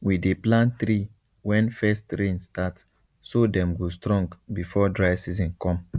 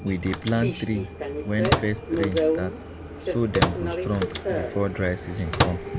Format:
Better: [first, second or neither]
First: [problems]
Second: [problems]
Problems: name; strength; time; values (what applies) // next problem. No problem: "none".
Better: first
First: none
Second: background sound (Subway, metro, underground + Microwave oven); 1 dB above the speech